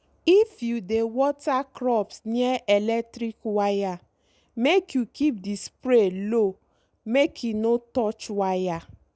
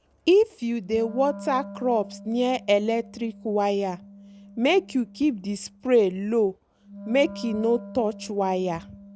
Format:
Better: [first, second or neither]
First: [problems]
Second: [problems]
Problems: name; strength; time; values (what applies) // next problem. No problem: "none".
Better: first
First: none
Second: background sound (Wind instrument, woodwind instrument); 17 dB below the speech